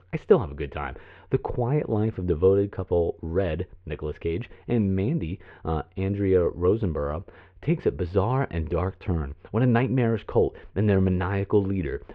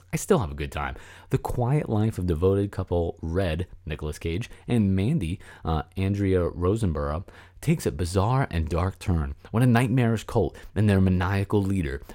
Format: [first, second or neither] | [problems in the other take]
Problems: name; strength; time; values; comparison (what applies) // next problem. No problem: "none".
second | muffled; very; fading above 3 kHz